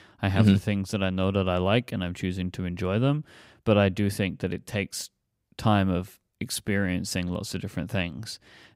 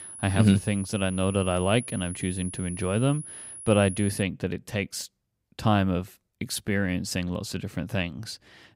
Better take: first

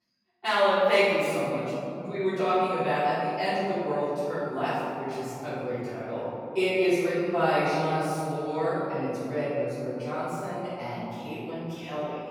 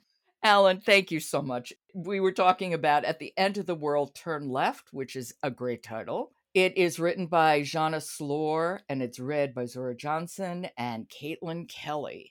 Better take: second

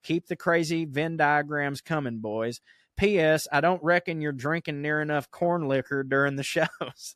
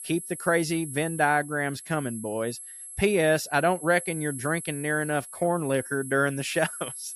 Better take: first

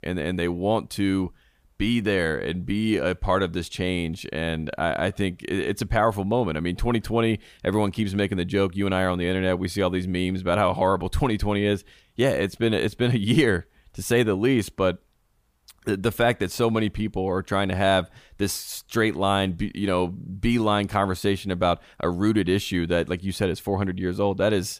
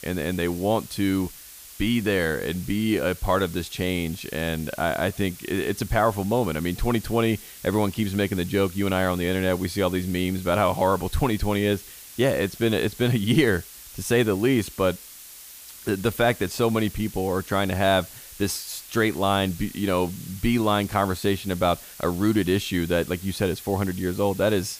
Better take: first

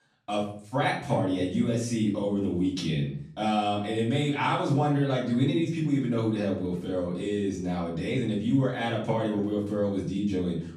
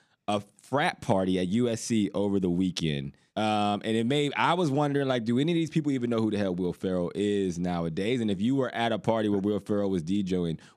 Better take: second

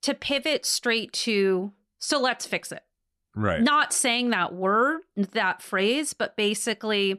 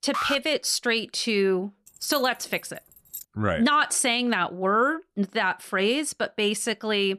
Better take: first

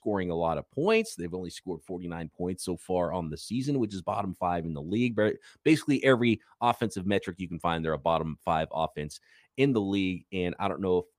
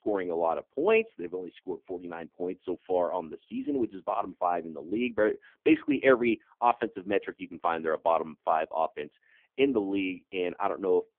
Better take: first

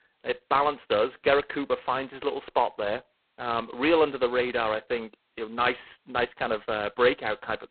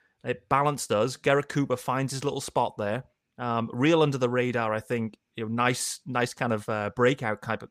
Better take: second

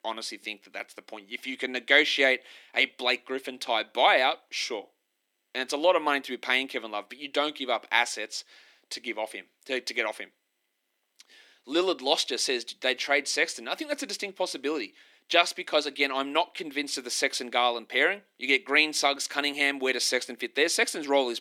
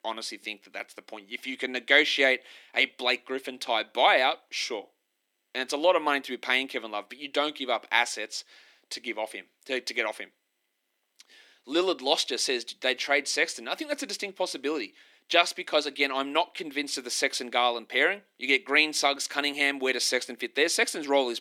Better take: neither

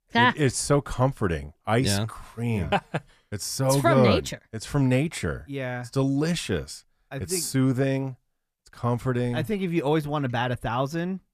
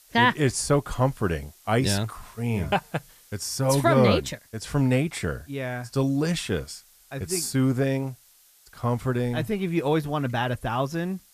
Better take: first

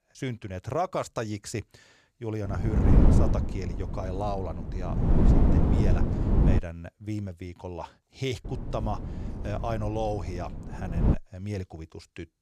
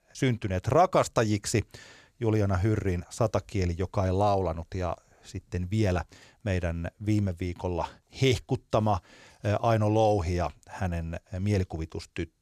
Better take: second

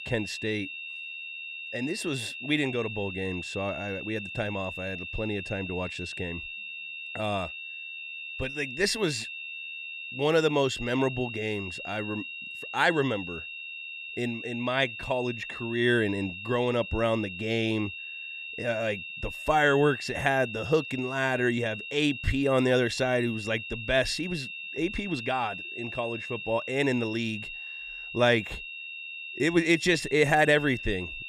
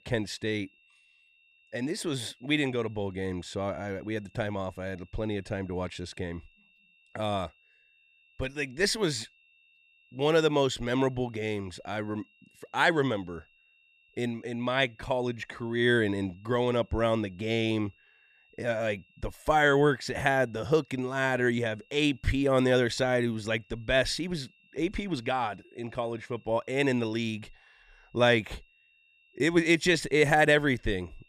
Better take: second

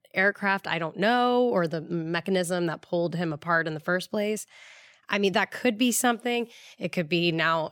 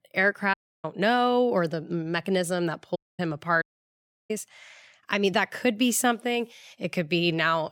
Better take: first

